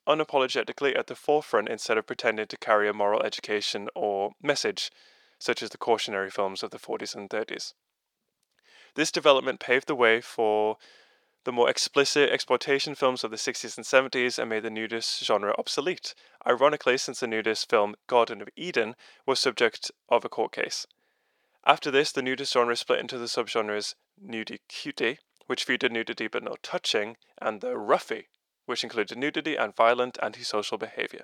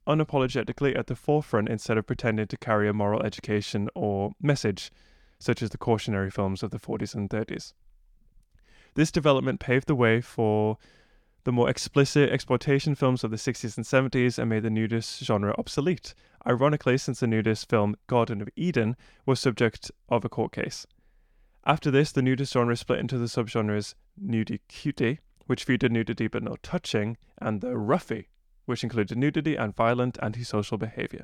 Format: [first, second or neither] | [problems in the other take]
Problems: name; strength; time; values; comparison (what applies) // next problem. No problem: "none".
second | thin; very; fading below 550 Hz